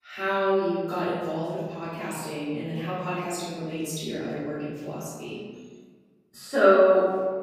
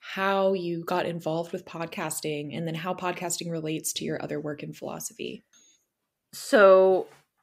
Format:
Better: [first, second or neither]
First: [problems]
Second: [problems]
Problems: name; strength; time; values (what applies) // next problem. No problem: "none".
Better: second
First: off-mic speech; far // room echo; strong; dies away in 1.5 s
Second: none